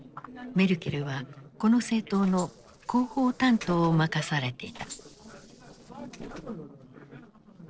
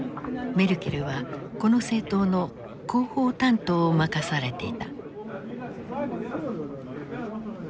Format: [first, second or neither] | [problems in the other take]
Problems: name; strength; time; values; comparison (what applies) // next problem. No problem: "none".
second | noise reduction (neural separator model SepFormer DNS4)